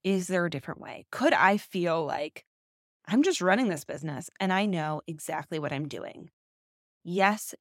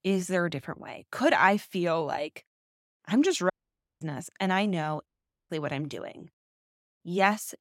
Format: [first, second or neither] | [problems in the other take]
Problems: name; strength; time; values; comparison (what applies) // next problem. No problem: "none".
first | audio cutting out; at 3.5 s for 0.5 s and at 5 s